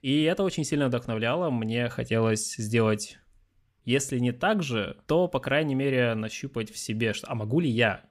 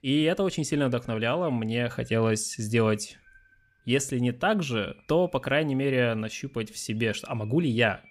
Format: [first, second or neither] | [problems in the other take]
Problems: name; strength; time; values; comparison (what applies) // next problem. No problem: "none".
first | animal sounds; faint; throughout; 30 dB below the speech